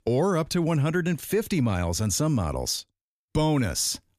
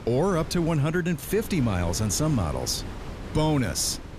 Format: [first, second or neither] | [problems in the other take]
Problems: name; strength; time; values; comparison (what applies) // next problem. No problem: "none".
first | wind noise on the microphone; occasional gusts; 15 dB below the speech